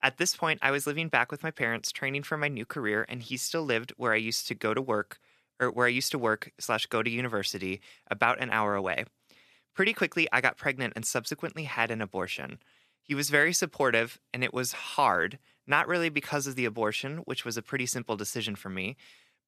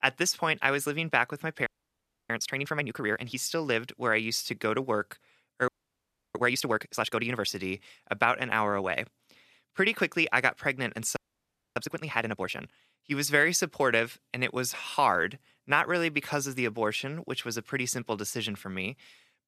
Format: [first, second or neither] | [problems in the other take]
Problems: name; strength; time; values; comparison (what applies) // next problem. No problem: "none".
first | audio freezing; at 1.5 s for 0.5 s, at 5.5 s for 0.5 s and at 11 s for 0.5 s